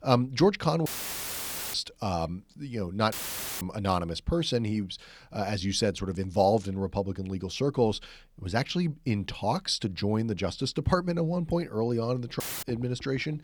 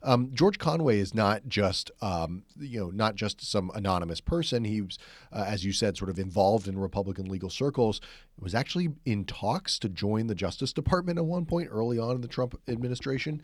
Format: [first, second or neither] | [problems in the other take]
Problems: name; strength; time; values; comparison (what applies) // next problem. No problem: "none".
second | audio cutting out; filled with static; at 1 s for 1 s, at 3 s and at 12 s